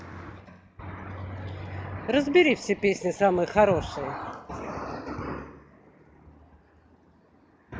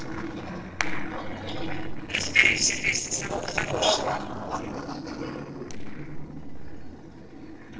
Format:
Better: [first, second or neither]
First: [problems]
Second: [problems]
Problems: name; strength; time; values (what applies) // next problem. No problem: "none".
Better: first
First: none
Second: noise reduction (neural separator model SepFormer DNS4)